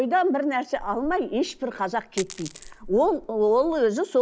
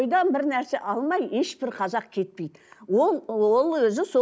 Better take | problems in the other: second | background sound (Coin (dropping)); 18 dB below the speech

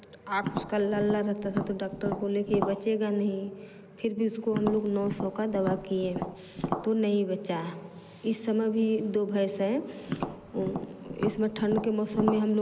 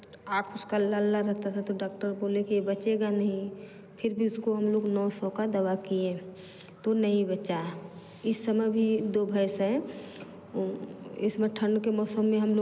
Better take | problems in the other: second | background sound (Tap); 7 dB below the speech

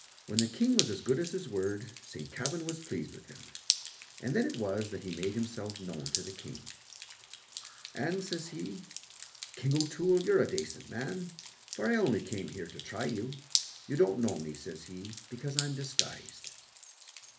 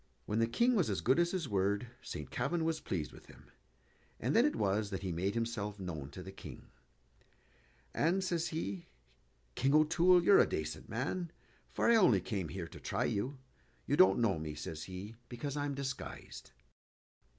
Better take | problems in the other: second | background sound (Drip); 7 dB below the speech // room echo; dies away in 0.3 s

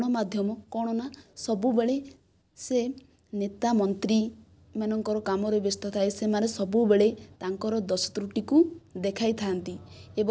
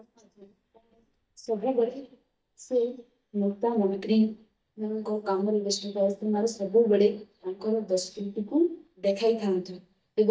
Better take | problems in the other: first | noise reduction (neural mask model DeepFilterNet 3)

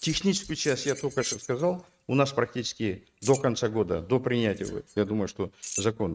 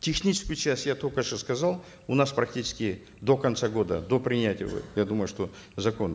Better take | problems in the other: second | noise reduction (neural mask model RNNoise)

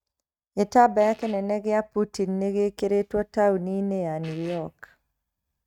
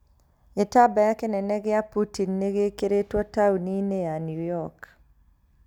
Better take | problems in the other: second | noise reduction (neural mask model RNNoise)

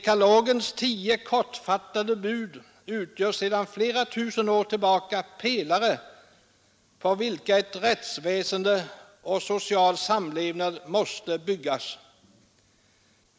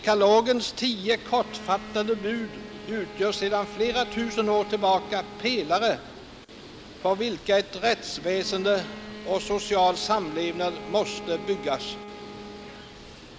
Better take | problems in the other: first | background sound (Bowed string instrument + Bird); 13 dB below the speech

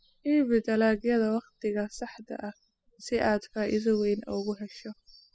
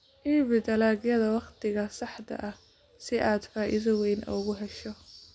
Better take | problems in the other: second | noise reduction (classical method spectral subtraction)

